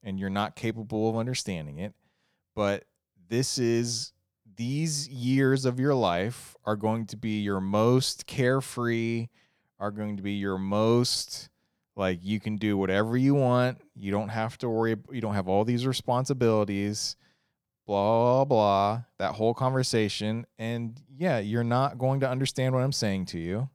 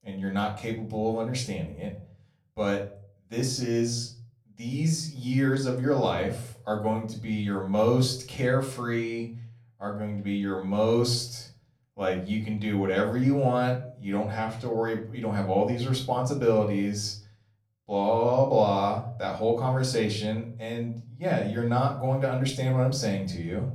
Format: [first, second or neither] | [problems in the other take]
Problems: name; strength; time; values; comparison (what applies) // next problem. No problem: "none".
first | off-mic speech; far // room echo; slight; dies away in 0.4 s